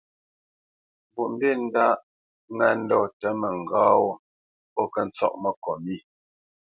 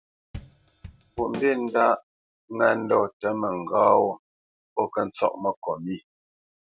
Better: first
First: none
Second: background sound (Drum kit); 15 dB below the speech

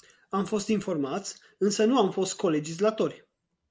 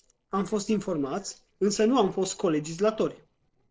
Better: first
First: none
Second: noise reduction (neural separator model SepFormer DNS4)

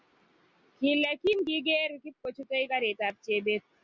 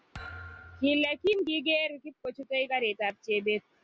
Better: first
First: none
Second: background sound (Thump, thud); 18 dB below the speech

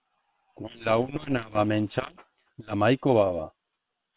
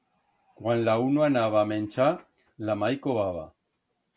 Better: second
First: noise reduction (neural separator model SepFormer WHAM!)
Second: none

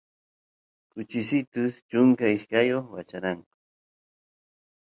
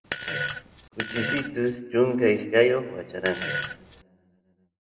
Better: first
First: none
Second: background sound (Fart); 6 dB below the speech // room echo; dies away in 1.2 s

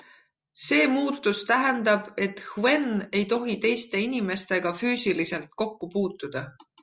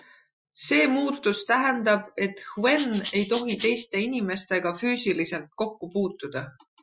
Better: first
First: none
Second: noise reduction (classical method Wiener filter)

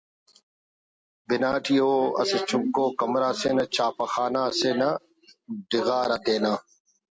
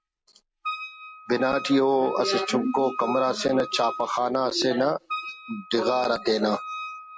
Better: first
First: none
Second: background sound (Wind instrument, woodwind instrument); 12 dB below the speech

